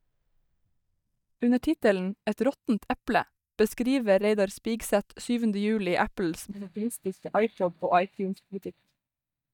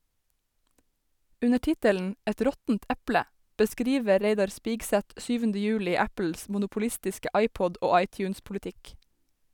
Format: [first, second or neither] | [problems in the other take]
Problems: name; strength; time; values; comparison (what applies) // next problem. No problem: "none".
second | noise reduction (neural mask model DeepFilterNet 3)